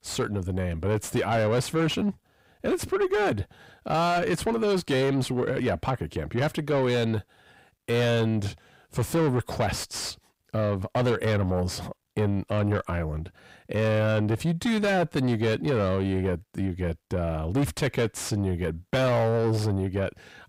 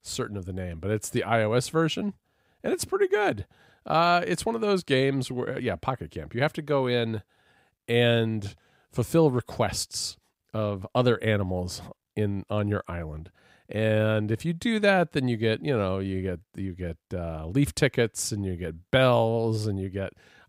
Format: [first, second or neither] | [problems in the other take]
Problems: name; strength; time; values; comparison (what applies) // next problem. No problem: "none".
second | distortion; heavy; 7 dB below the speech